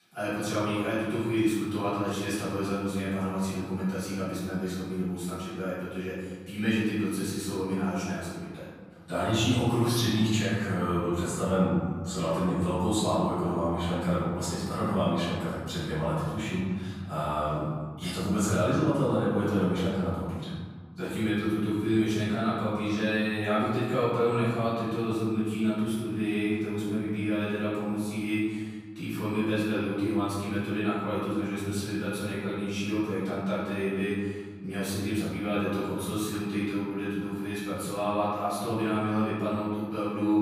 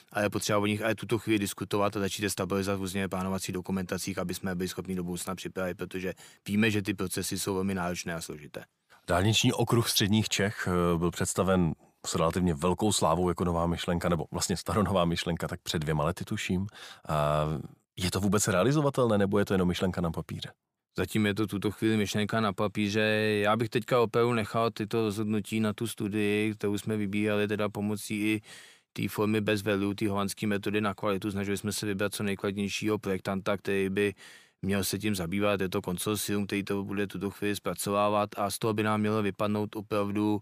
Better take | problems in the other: second | off-mic speech; far // room echo; strong; dies away in 1.6 s

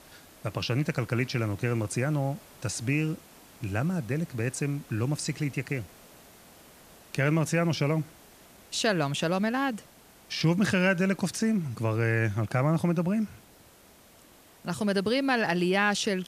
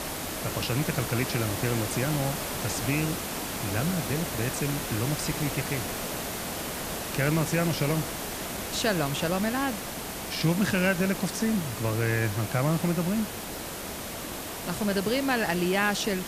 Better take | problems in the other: first | hiss; loud; throughout; 4 dB below the speech; faint in the first

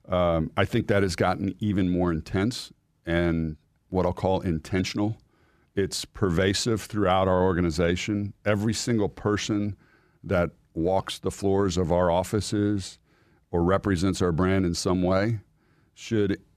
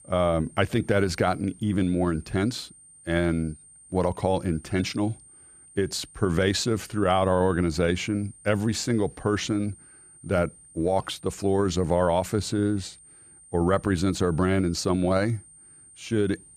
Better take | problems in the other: first | high-pitched whine; faint; throughout; 9 kHz, 25 dB below the speech

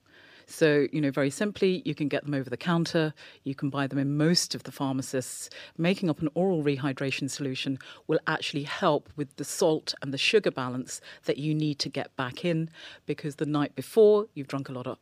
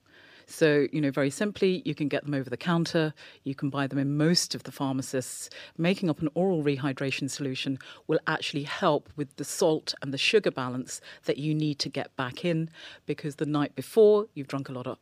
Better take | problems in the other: neither | none

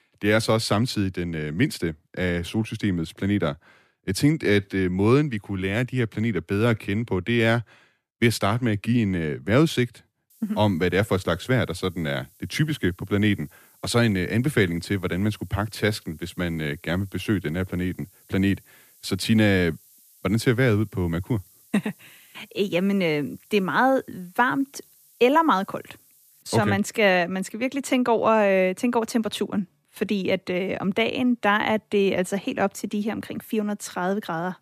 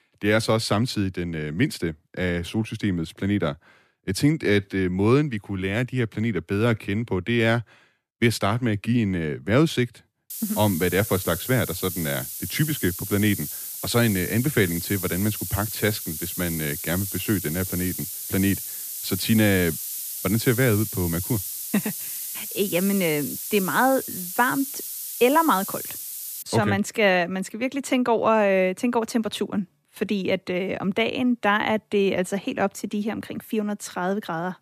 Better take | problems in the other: first | hiss; loud; from 10 to 26 s; 6 dB below the speech; faint in the first

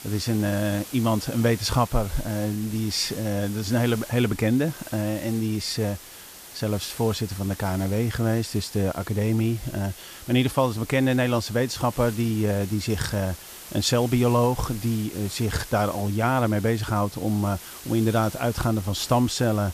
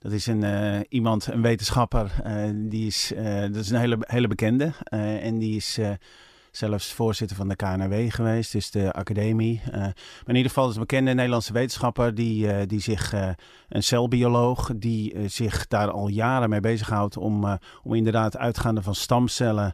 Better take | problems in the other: second | hiss; noticeable; throughout; 15 dB below the speech

